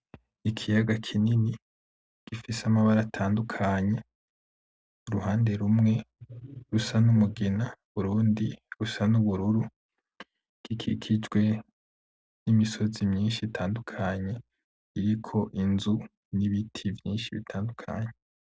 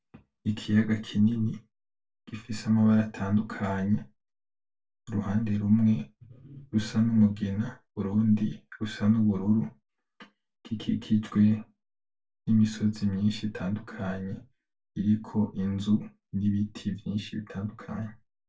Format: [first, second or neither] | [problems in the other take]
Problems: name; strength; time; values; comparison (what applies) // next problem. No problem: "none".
first | room echo; dies away in 0.2 s